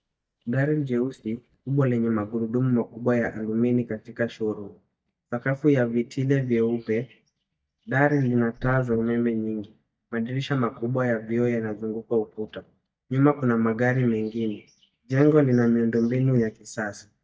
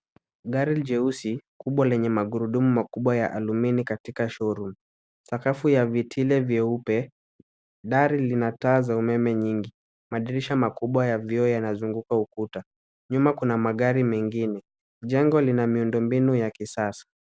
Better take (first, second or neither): second